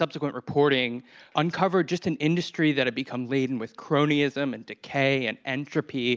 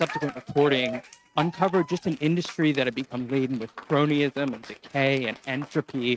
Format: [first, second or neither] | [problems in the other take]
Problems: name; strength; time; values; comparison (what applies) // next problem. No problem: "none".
first | noise reduction (neural mask model RNNoise)